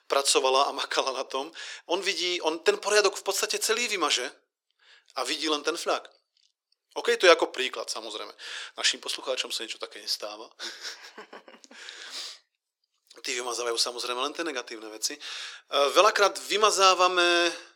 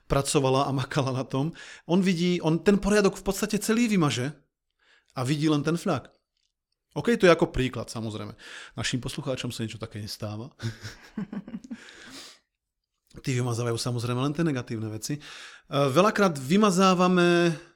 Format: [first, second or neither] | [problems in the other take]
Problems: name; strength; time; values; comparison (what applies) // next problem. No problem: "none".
second | thin; very; fading below 400 Hz